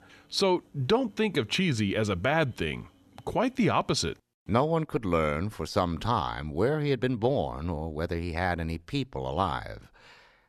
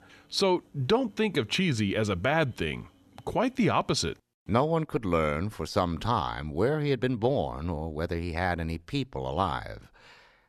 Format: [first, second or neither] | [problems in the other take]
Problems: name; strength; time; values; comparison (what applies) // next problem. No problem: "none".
neither | none